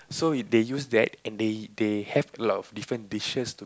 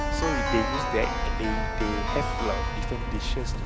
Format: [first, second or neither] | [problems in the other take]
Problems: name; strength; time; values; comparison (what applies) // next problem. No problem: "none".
first | background sound (Keyboard (musical)); 5 dB above the speech